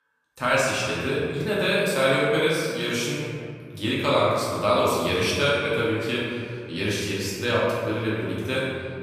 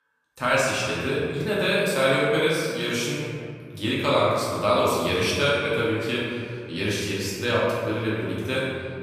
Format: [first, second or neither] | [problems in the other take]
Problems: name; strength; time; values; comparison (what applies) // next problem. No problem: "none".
neither | room echo; strong; dies away in 1.9 s; the same in both // off-mic speech; far; the same in both